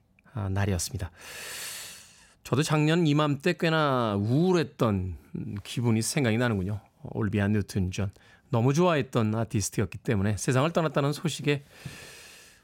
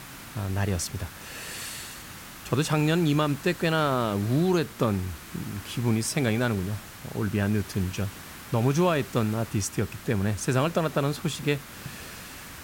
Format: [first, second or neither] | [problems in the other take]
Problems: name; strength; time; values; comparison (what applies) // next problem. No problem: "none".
first | hiss; noticeable; throughout; 15 dB below the speech